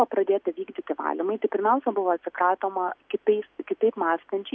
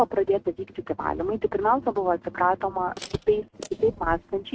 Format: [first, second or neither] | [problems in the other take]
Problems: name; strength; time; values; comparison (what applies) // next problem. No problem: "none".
first | noise reduction (neural mask model RNNoise)